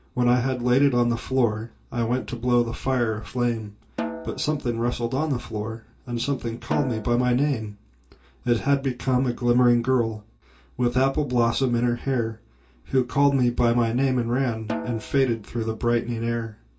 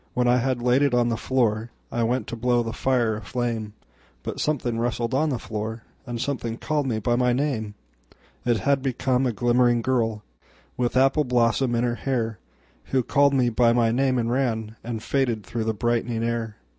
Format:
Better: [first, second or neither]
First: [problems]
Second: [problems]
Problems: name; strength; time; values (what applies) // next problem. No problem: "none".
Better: second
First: background sound (Snare drum); 13 dB below the speech // room echo; dies away in 0.2 s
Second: none